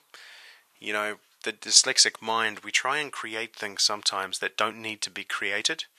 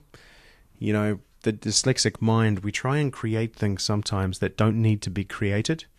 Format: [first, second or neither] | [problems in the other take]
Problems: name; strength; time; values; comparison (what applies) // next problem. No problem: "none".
second | thin; very; fading below 900 Hz